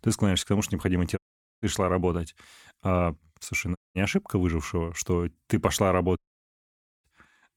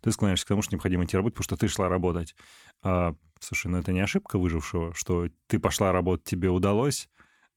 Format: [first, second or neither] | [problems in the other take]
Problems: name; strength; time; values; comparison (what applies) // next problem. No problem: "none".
second | audio cutting out; at 1 s, at 4 s and at 6 s for 1 s